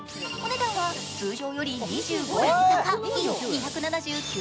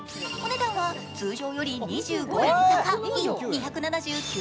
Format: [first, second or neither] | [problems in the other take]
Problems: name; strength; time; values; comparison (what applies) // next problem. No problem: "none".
second | background sound (Fire); 13 dB below the speech